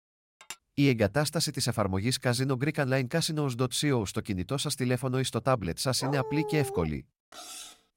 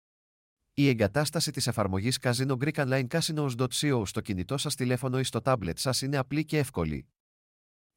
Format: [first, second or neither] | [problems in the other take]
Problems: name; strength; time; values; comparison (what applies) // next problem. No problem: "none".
second | clattering dishes; faint; at 0.5 s and at 7.5 s; peak 15 dB below the speech // dog barking; noticeable; at 6 s; peak 7 dB below the speech